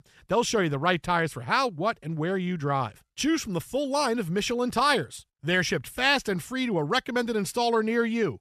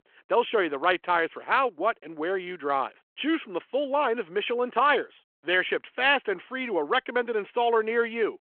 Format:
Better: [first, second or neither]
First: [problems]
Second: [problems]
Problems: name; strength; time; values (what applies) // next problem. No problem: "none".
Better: first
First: none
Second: phone-call audio